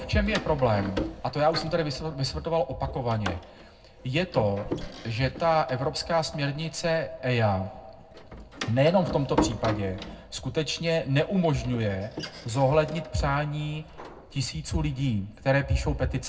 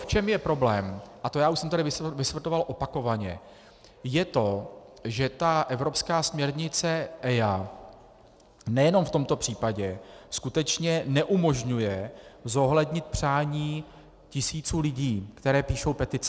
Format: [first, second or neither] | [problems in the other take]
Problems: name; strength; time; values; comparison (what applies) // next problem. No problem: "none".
second | background sound (Door); 11 dB below the speech // room echo; dies away in 0.3 s